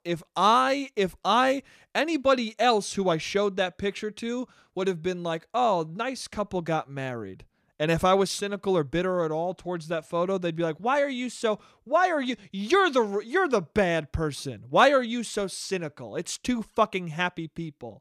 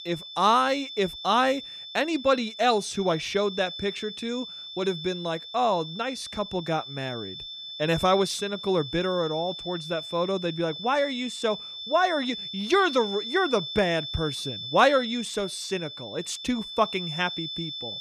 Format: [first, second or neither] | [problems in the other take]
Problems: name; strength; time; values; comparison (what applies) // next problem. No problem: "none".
first | high-pitched whine; loud; throughout; 3.5 kHz, 8 dB below the speech